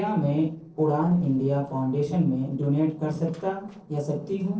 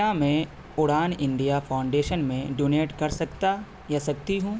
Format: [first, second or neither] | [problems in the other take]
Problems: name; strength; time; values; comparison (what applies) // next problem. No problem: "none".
second | noise reduction (neural separator model SepFormer DNS4)